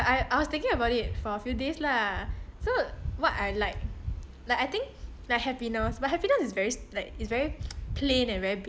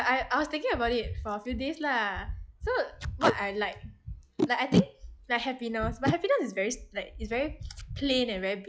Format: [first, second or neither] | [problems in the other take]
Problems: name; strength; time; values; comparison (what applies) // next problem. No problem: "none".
first | noise reduction (classical method log-MMSE)